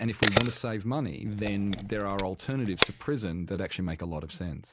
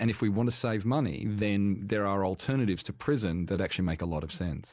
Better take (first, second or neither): second